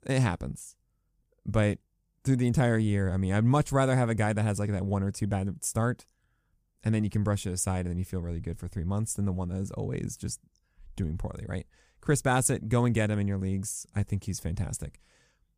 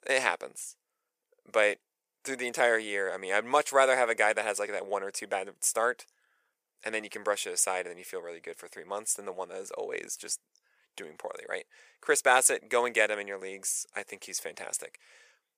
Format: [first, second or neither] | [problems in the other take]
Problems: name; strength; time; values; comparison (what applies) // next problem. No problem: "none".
first | thin; very; fading below 450 Hz